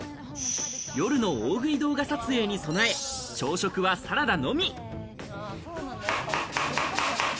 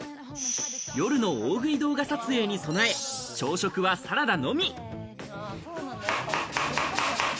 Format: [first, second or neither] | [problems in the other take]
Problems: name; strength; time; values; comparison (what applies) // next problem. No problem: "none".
second | background sound (Thunder / Rain); 19 dB below the speech